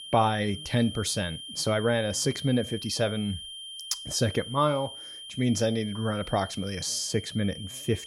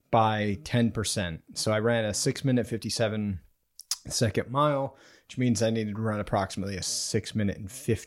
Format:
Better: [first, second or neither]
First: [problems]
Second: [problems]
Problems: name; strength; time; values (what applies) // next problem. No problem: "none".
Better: second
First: high-pitched whine; noticeable; throughout; 3 kHz, 10 dB below the speech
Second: none